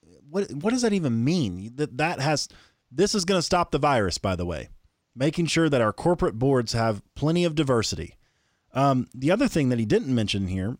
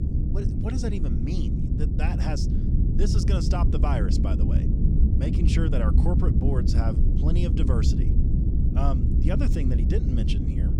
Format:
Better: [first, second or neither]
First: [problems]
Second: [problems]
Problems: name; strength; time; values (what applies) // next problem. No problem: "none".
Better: first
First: none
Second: low rumble; loud; throughout; 1 dB below the speech